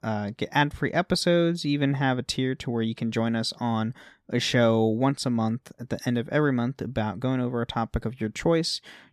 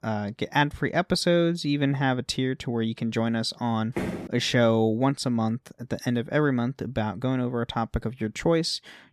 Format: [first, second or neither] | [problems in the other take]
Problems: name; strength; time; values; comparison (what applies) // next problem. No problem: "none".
first | footsteps; noticeable; at 4 s; peak 6 dB below the speech